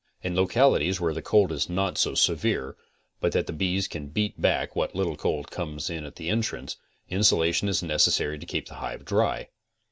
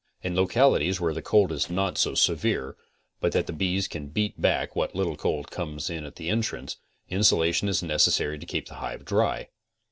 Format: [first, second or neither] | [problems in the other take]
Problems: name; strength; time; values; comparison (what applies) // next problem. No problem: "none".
first | noise reduction (neural separator model SepFormer DNS4)